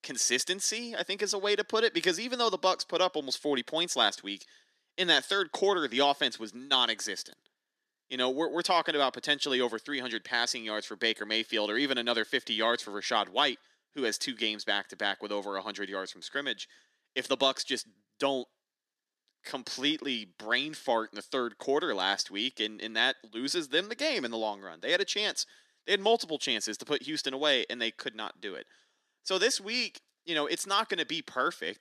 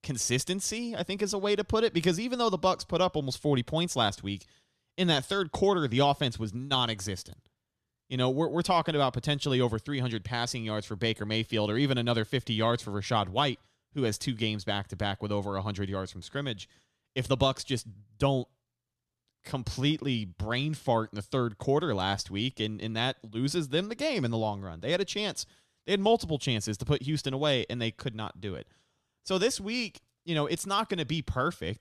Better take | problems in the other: second | thin; somewhat; fading below 250 Hz

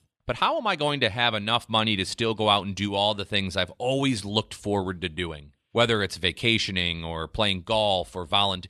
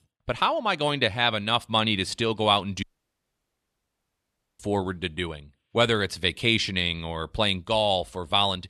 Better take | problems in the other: first | audio cutting out; at 3 s for 2 s

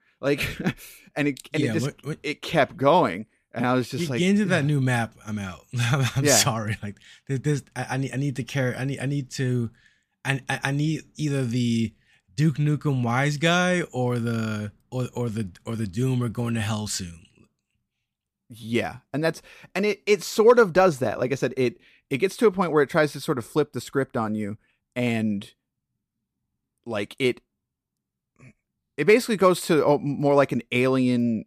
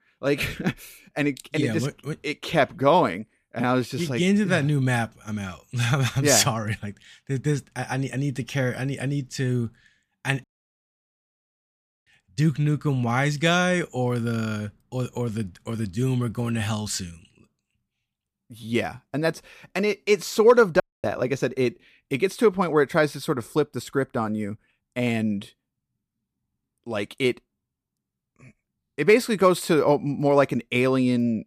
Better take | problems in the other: first | audio cutting out; at 10 s for 1.5 s and at 21 s

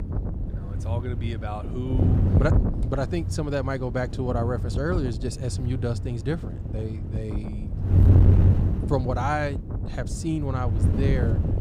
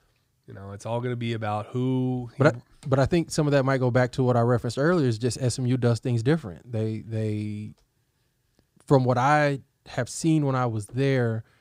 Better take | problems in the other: second | wind noise on the microphone; heavy; 6 dB below the speech

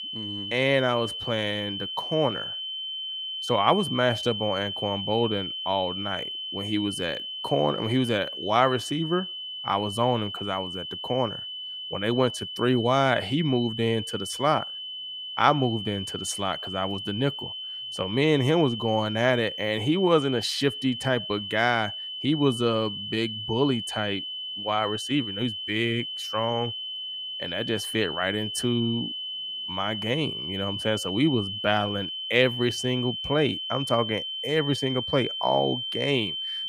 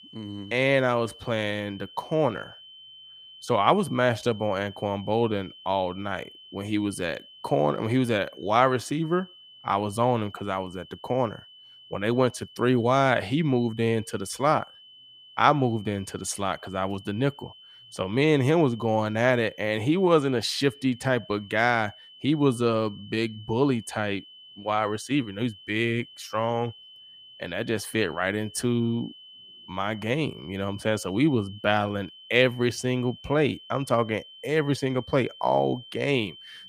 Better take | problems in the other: second | high-pitched whine; loud; throughout; 3 kHz, 5 dB below the speech; faint in the second

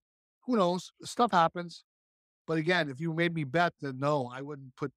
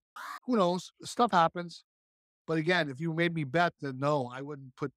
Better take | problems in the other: first | alarm; faint; at the start; peak 15 dB below the speech

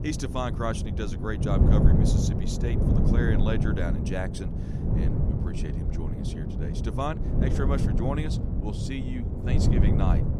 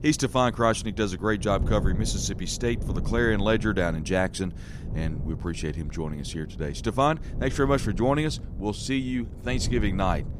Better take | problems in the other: second | wind noise on the microphone; heavy; 1 dB below the speech; occasional gusts in the second

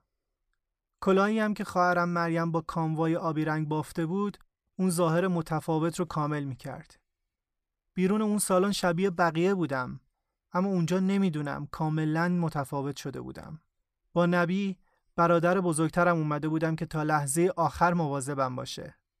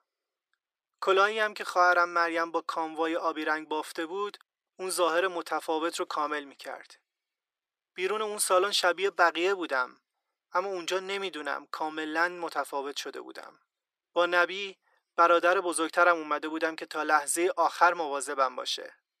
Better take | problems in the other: first | thin; very; fading below 350 Hz

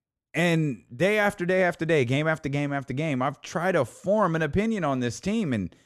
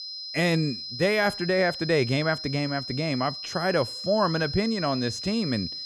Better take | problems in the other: first | high-pitched whine; loud; throughout; 5 kHz, 7 dB below the speech

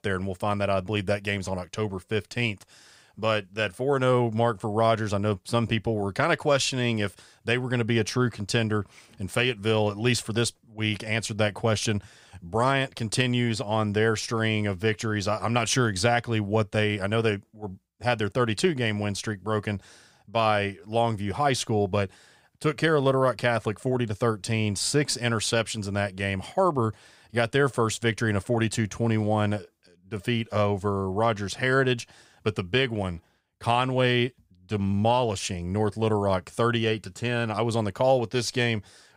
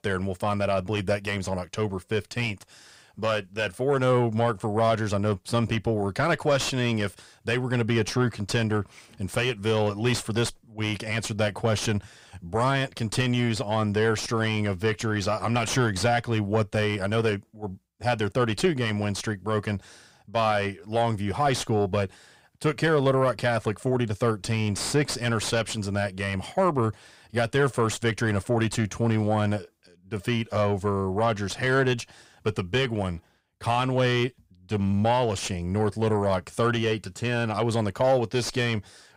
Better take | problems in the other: first | distortion; slight; 10 dB below the speech

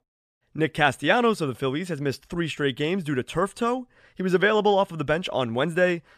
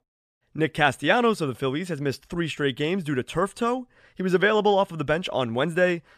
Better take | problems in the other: neither | none

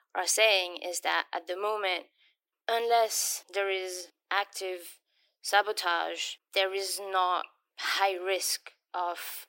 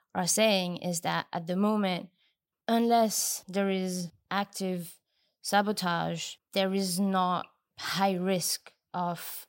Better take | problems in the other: second | thin; very; fading below 300 Hz

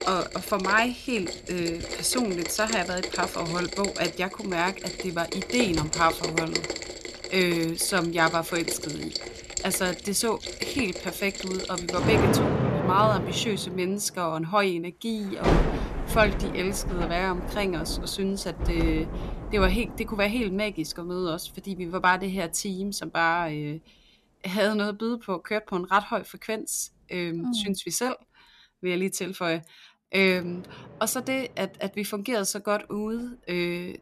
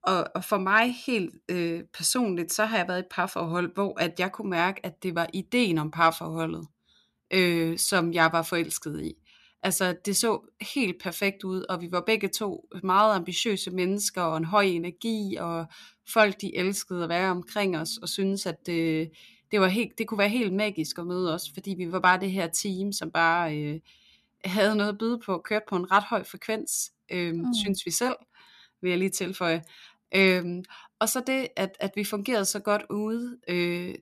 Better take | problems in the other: second | rain or running water; loud; throughout; 4 dB below the speech

